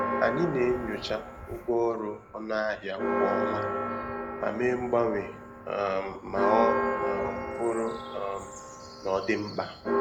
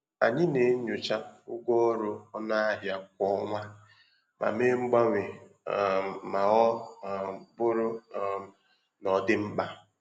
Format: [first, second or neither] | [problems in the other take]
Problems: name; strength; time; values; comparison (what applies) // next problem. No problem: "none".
second | background sound (Church bell); 2 dB below the speech